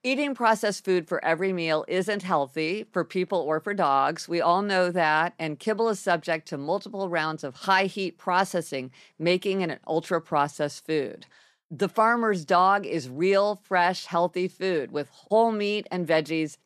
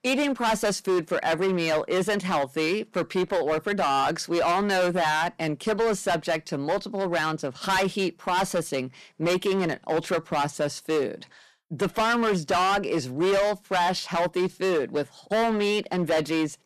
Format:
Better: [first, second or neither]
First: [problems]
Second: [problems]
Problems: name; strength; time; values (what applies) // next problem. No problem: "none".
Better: first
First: none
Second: distortion; heavy; 16% of the sound clipped